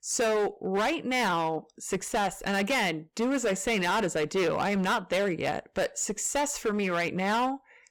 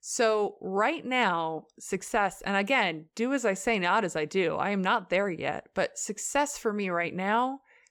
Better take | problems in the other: second | distortion; heavy; 16% of the sound clipped

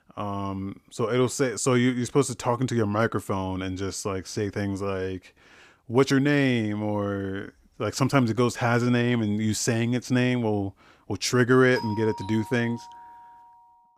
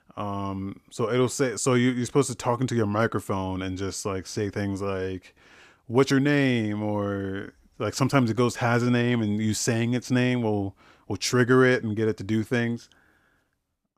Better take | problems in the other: second | doorbell; faint; from 12 s on; peak 10 dB below the speech

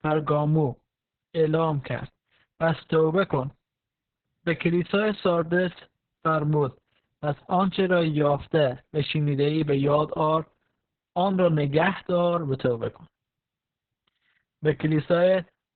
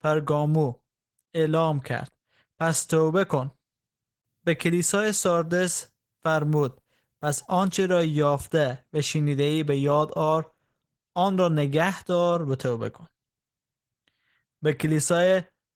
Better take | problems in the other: second | garbled, watery; badly; nothing above 4 kHz; slightly in the second

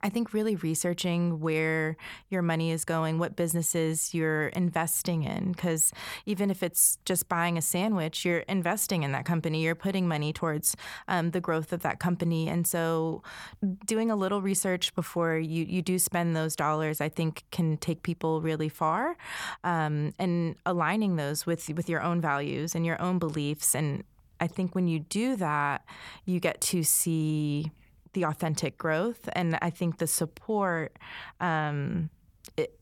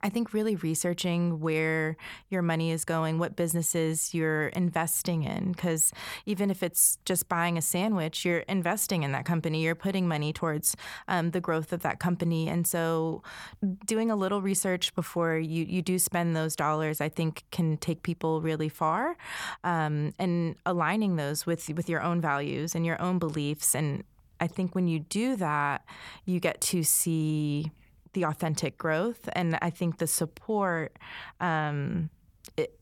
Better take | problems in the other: neither | none

